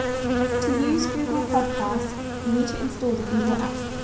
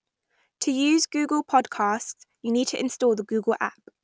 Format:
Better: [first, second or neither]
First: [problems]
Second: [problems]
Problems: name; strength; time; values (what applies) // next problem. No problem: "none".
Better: second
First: background sound (Insect); as loud as the speech // room echo; dies away in 0.5 s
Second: none